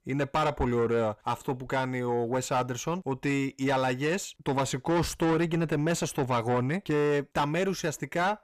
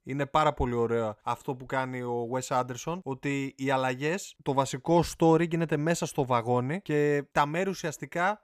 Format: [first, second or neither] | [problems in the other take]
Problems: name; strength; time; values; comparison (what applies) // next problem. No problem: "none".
second | distortion; heavy; 7 dB below the speech